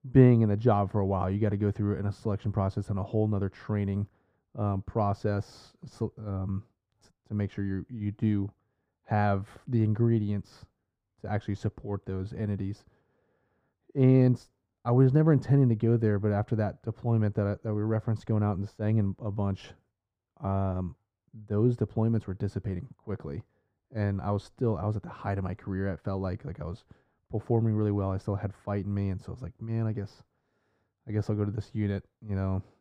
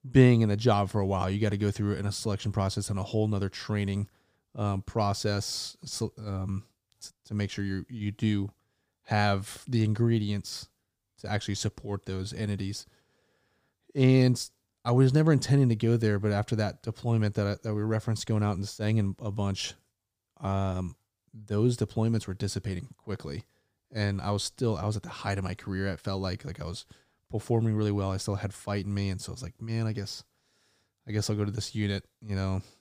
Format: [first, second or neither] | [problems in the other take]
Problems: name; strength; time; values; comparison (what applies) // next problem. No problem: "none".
second | muffled; very; fading above 2.5 kHz